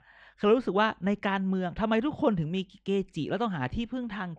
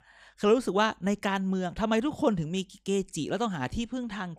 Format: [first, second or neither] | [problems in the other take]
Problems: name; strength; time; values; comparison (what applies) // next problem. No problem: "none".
second | muffled; slightly; fading above 2.5 kHz